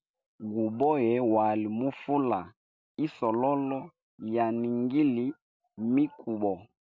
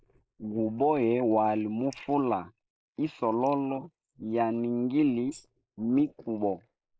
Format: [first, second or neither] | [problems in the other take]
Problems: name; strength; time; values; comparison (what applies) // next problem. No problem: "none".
first | noise reduction (neural mask model Resemble Enhance denoiser)